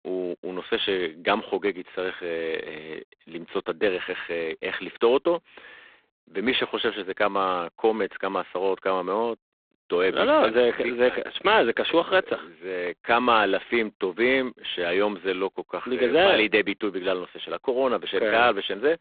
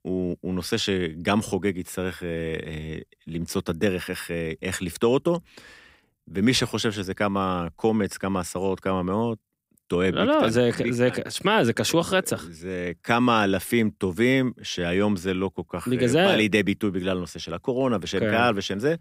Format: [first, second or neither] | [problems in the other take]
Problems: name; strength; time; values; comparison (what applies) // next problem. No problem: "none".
second | phone-call audio; poor line